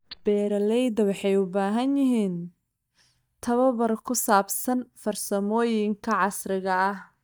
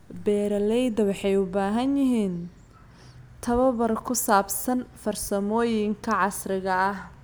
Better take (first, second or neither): second